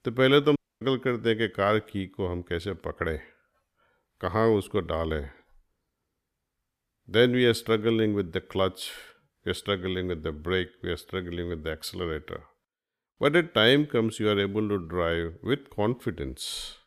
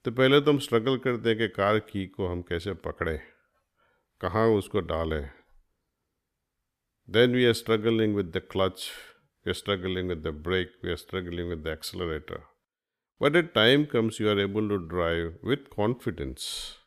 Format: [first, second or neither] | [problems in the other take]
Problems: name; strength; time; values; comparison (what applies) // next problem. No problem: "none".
second | audio cutting out; at 0.5 s